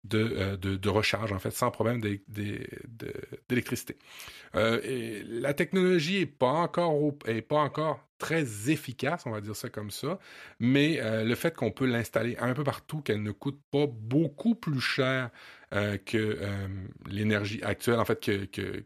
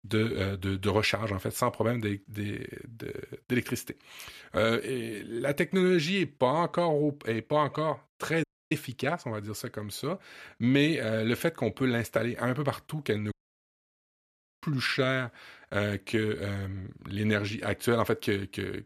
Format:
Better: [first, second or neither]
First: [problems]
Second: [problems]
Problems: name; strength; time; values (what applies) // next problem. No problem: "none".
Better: first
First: none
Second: audio cutting out; at 8.5 s and at 13 s for 1.5 s